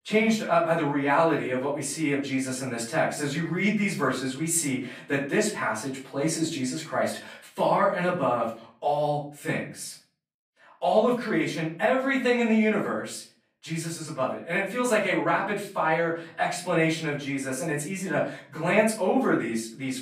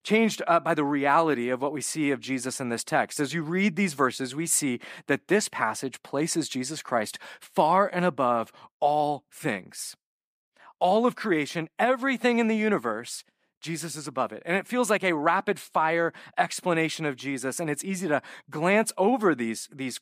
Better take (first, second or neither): second